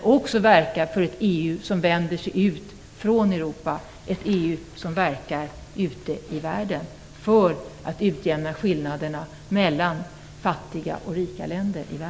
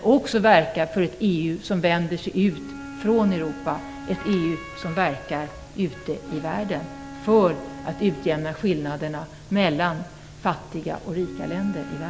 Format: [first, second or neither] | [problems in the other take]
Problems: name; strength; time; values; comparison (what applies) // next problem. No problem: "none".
first | background sound (Wind instrument, woodwind instrument); 16 dB below the speech